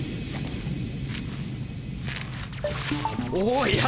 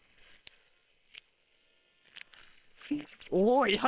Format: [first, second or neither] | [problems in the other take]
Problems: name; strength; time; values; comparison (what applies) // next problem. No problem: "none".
first | noise reduction (neural separator model SepFormer WHAM!)